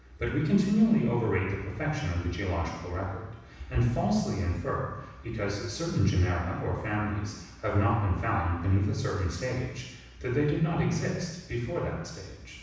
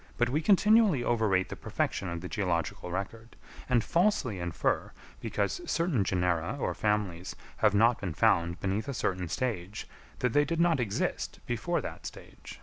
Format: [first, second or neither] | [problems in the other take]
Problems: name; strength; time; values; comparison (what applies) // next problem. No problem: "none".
second | room echo; dies away in 1.1 s